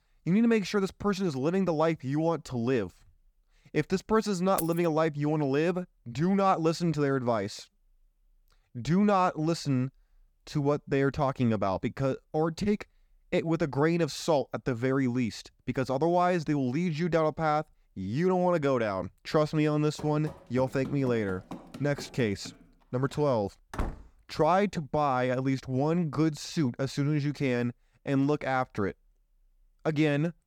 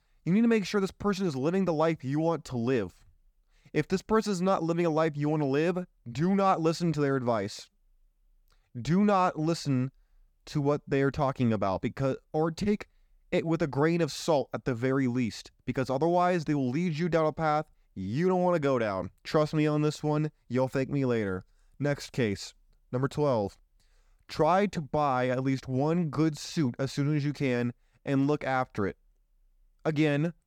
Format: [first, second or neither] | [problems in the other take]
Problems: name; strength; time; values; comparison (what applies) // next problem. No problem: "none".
second | jangling keys; noticeable; at 4.5 s; peak 8 dB below the speech // door banging; noticeable; from 20 to 24 s; peak 9 dB below the speech